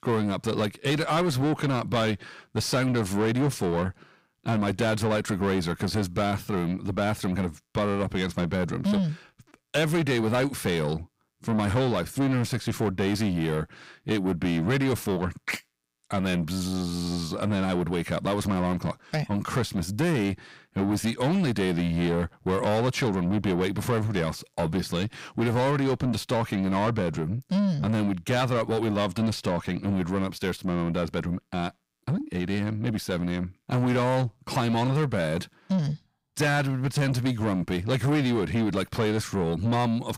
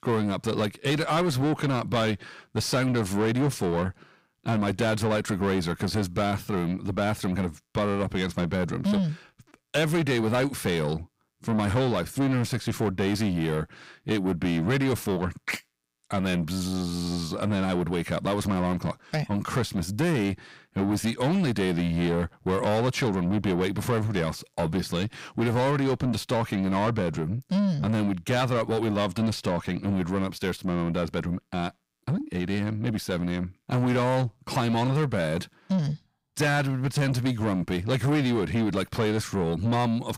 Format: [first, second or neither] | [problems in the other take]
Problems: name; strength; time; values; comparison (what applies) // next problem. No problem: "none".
neither | distortion; heavy; 8 dB below the speech; the same in both